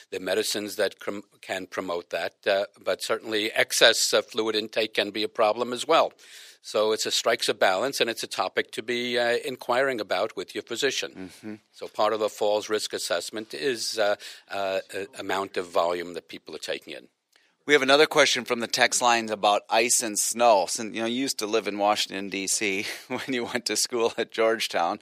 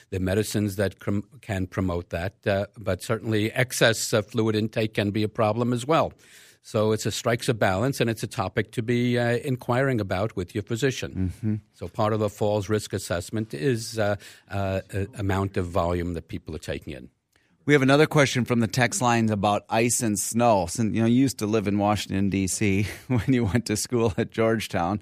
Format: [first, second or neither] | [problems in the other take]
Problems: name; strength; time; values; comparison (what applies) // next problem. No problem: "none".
second | thin; somewhat; fading below 500 Hz